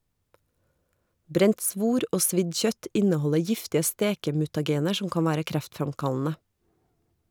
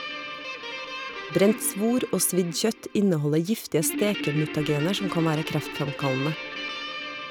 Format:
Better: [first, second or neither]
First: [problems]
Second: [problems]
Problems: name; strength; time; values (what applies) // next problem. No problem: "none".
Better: first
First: none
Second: background sound (Guitar); 9 dB below the speech